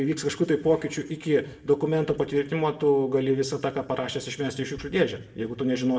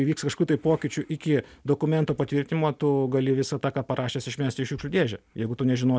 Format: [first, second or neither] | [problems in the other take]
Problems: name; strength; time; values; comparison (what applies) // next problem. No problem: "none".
second | room echo; dies away in 0.6 s